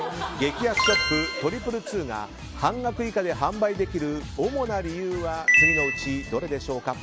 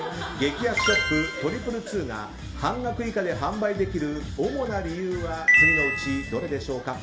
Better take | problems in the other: first | background sound (Wind instrument, woodwind instrument); 19 dB below the speech // room echo; dies away in 1.3 s

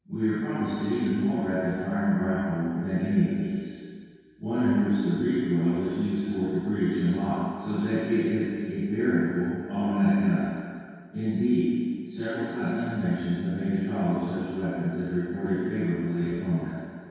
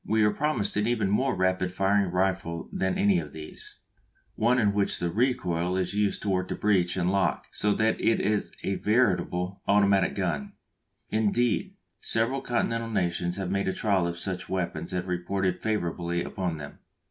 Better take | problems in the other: second | room echo; dies away in 2 s

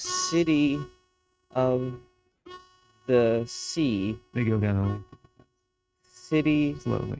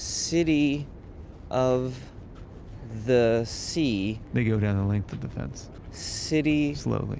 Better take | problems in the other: second | noise reduction (neural mask model RNNoise)

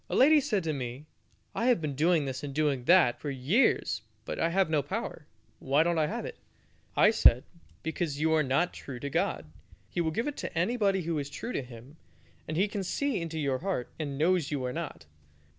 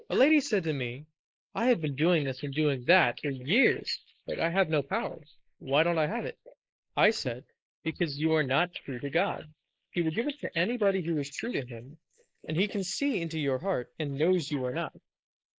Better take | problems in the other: first | noise reduction (neural mask model Resemble Enhance denoiser)

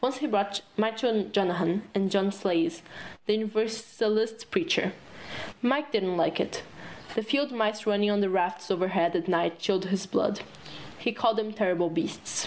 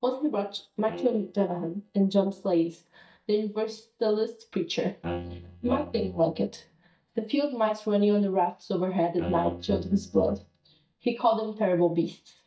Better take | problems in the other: first | noise reduction (neural mask model DeepFilterNet 3)

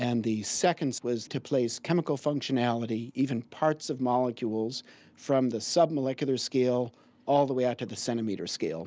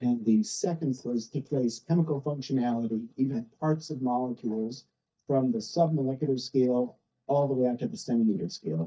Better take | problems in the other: first | noise reduction (neural mask model DeepFilterNet 3)

